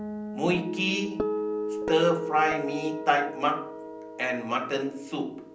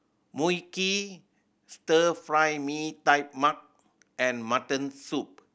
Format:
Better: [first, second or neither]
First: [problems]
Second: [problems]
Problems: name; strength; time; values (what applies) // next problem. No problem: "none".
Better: second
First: background sound (Guitar); 5 dB below the speech // room echo; dies away in 0.6 s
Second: none